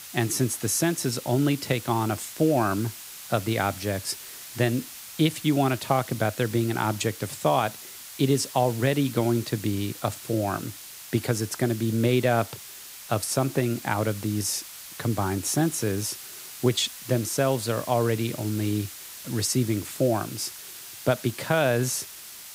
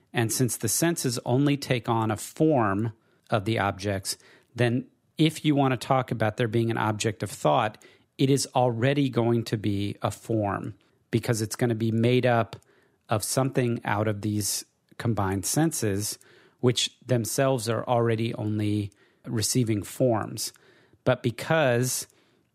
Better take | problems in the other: second | hiss; noticeable; throughout; 10 dB below the speech

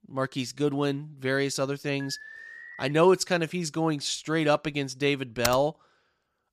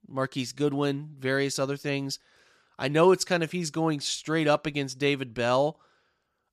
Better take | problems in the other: second | alarm; faint; at 2 s; peak 15 dB below the speech // keyboard typing; noticeable; at 5.5 s; peak 4 dB below the speech

